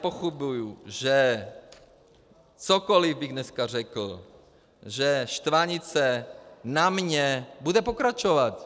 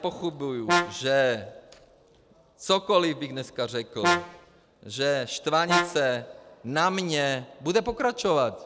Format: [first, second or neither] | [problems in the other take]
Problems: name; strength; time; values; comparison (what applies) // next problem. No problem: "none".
first | background sound (Brass instrument); 3 dB below the speech